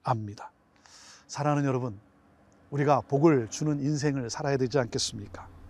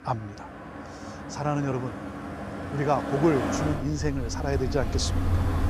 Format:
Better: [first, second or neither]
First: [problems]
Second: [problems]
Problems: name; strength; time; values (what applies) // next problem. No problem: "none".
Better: first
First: traffic noise; faint; throughout; 30 dB below the speech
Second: traffic noise; loud; throughout; 4 dB below the speech